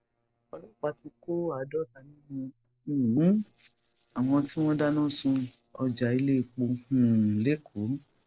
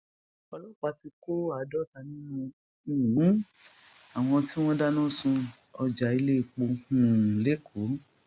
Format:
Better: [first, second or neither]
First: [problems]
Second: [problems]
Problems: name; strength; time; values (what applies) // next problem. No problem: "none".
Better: second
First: noise reduction (neural separator model SepFormer DNS4)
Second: none